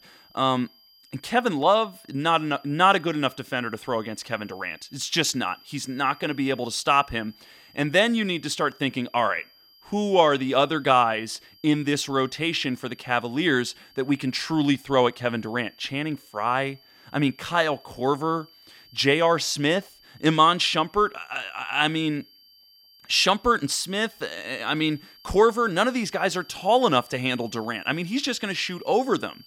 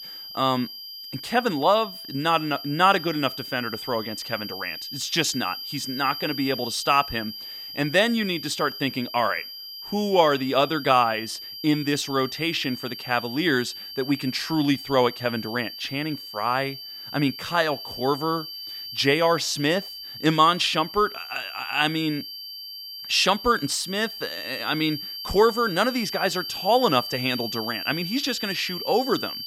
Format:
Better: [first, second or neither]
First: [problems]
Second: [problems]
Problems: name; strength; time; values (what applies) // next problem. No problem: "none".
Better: first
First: high-pitched whine; faint; throughout; 4.5 kHz, 25 dB below the speech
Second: high-pitched whine; loud; throughout; 4.5 kHz, 9 dB below the speech